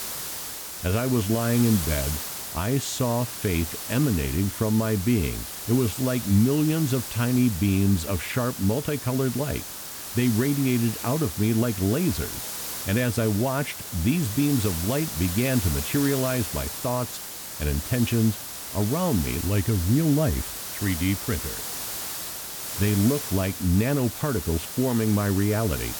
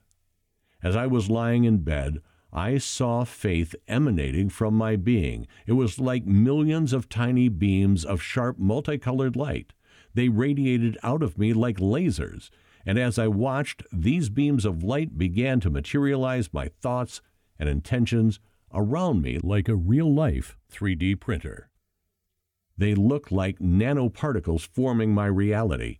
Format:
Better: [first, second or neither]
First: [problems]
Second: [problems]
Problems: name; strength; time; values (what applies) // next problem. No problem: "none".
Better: second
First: hiss; loud; throughout; 6 dB below the speech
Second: none